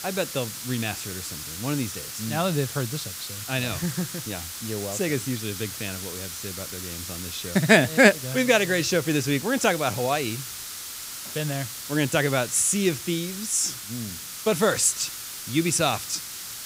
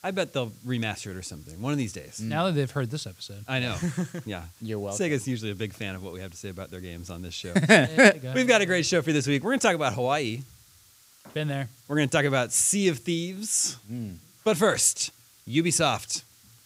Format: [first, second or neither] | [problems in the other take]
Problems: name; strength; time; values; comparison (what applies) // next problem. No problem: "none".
second | hiss; loud; throughout; 9 dB below the speech; faint in the second